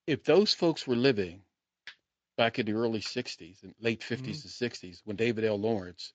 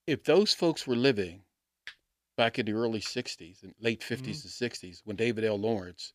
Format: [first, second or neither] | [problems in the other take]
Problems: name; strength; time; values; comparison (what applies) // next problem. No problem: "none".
second | garbled, watery; slightly; nothing above 7.5 kHz